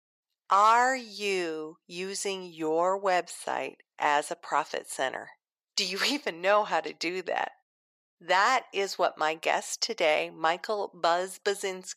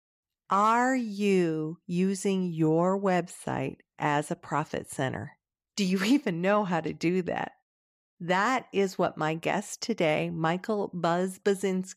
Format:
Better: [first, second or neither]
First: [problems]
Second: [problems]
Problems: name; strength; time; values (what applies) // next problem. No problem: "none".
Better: second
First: thin; very; fading below 600 Hz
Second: none